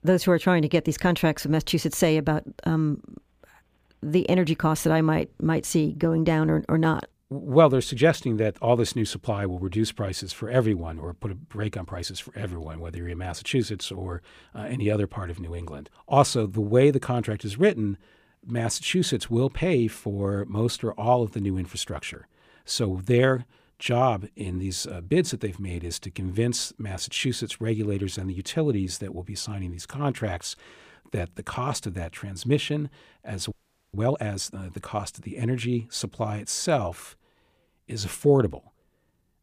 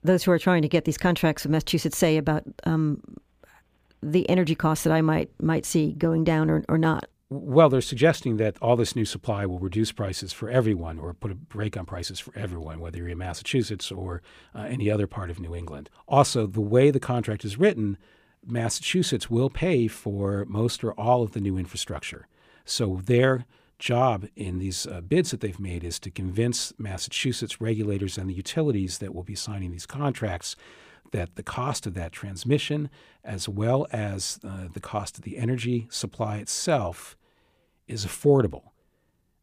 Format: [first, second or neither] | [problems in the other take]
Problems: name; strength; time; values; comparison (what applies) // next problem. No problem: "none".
second | audio freezing; at 34 s